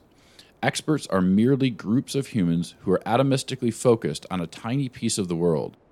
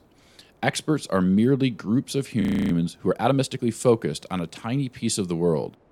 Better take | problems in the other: first | audio freezing; at 2.5 s

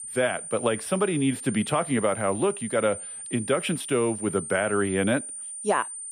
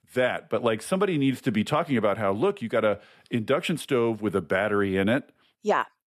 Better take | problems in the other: second | high-pitched whine; loud; throughout; 9 kHz, 8 dB below the speech

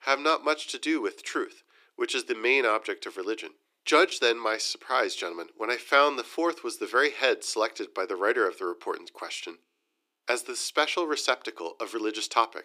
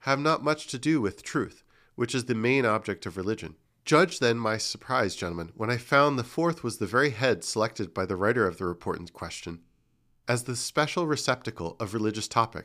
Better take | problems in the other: second | thin; very; fading below 350 Hz

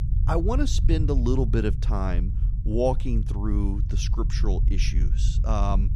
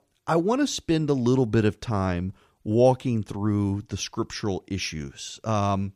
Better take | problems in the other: second | low rumble; noticeable; throughout; 15 dB below the speech

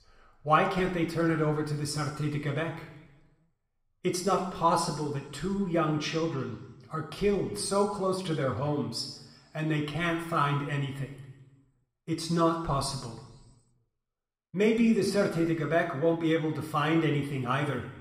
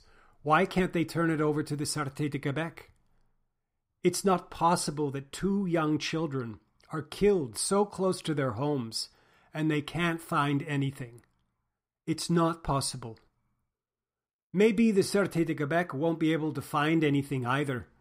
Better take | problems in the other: second | room echo; slight; dies away in 1 s // off-mic speech; somewhat distant

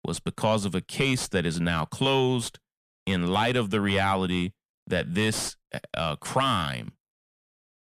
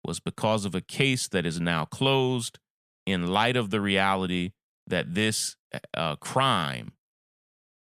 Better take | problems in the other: second | distortion; slight; 9 dB below the speech

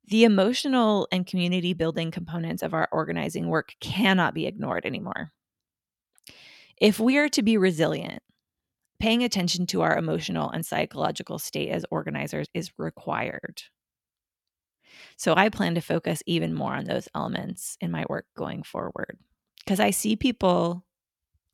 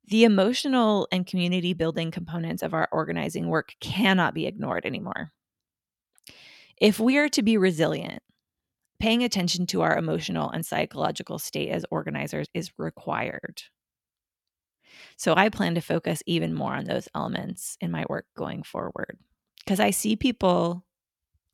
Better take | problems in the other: neither | none

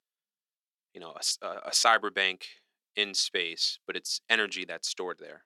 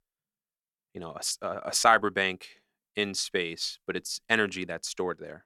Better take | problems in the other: second | thin; very slightly; fading below 300 Hz

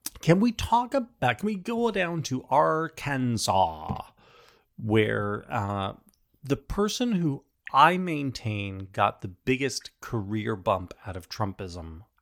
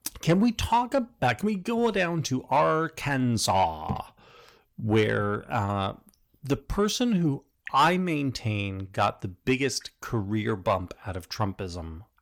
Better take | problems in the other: first | distortion; slight; 10 dB below the speech

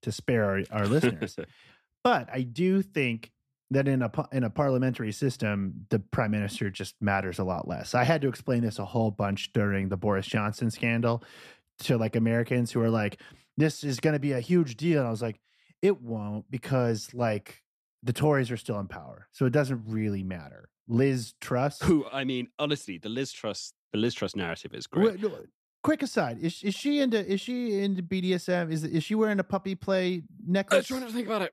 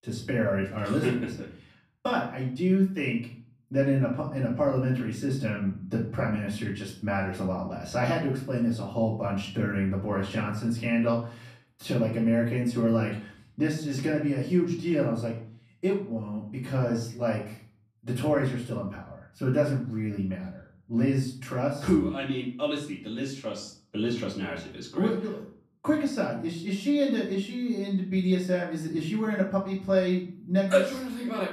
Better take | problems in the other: first | off-mic speech; far // room echo; slight; dies away in 0.5 s

